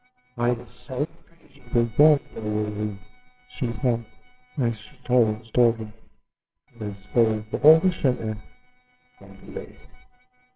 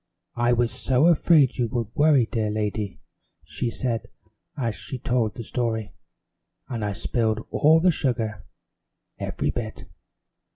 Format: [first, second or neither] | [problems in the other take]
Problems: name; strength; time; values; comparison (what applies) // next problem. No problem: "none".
second | noise reduction (neural separator model SepFormer WHAMR!)